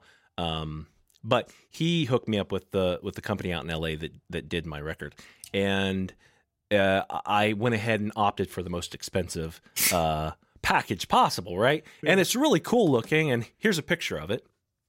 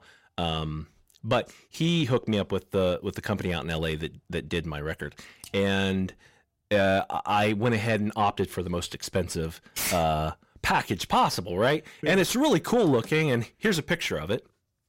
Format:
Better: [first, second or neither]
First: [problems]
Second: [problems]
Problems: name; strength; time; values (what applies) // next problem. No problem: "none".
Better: first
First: none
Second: distortion; slight; 10 dB below the speech